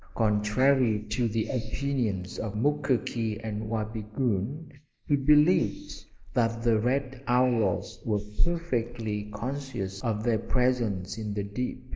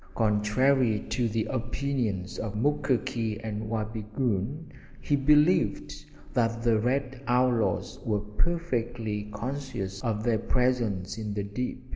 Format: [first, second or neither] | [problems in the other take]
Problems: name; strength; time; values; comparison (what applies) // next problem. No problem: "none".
second | noise reduction (neural mask model Resemble Enhance denoiser)